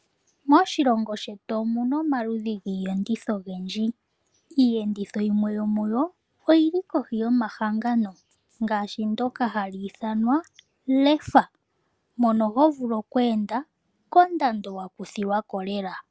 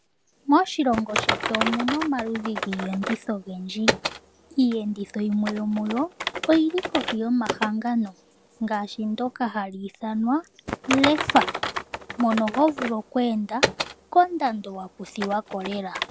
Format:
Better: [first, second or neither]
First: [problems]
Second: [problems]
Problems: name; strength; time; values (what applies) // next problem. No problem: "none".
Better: first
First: none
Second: background sound (Typing); 6 dB below the speech